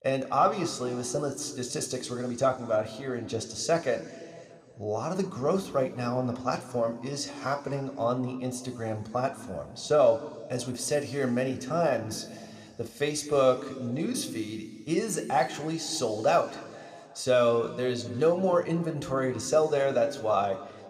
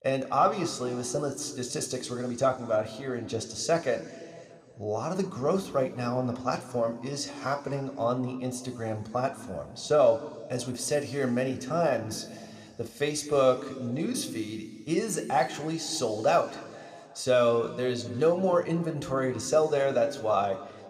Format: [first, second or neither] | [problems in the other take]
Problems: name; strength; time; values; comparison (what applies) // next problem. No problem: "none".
neither | room echo; very slight; dies away in 1.9 s; the same in both